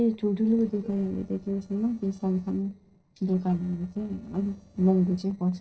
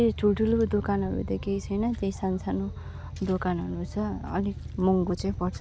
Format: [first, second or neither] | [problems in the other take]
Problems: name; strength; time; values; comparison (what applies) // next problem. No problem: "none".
second | noise reduction (neural separator model SepFormer DNS4)